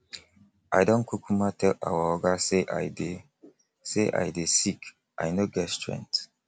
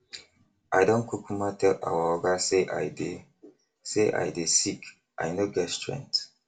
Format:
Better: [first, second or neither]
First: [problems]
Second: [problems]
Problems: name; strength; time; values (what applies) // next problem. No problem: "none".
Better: first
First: none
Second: room echo; dies away in 0.2 s